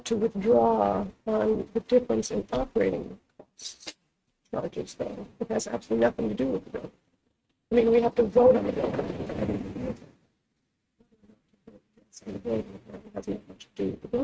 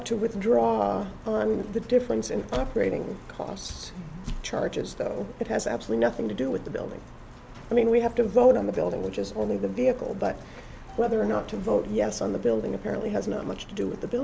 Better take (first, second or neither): second